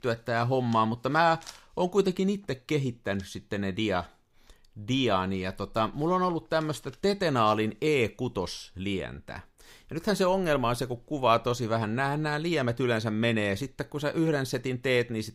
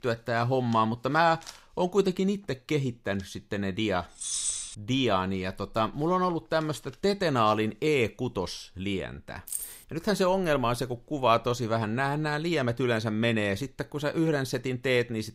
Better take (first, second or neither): first